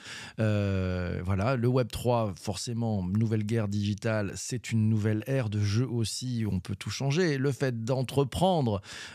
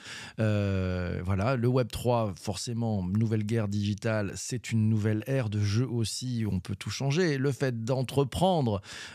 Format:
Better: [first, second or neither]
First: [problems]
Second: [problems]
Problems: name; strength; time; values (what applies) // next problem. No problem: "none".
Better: neither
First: none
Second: none